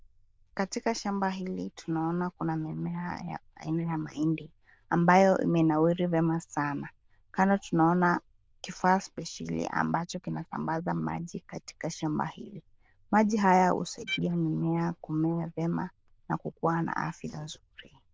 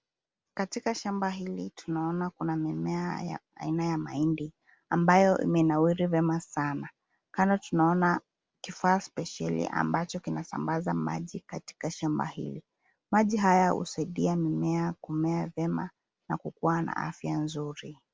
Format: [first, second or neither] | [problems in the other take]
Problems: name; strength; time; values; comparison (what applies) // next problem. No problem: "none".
second | noise reduction (neural diffusion model UNIVERSE++)